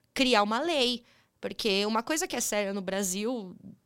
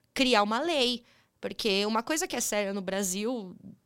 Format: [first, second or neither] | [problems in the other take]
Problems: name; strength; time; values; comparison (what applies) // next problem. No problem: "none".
neither | none